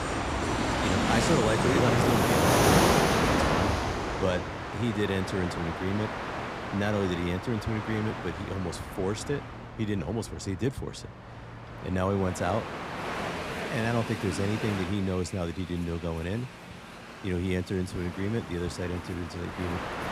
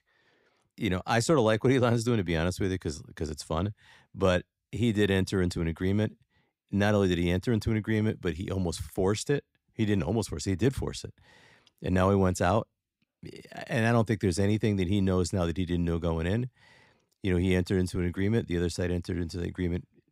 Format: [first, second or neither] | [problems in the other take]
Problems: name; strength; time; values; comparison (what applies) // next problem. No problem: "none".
second | train or aircraft noise; very loud; throughout; 2 dB above the speech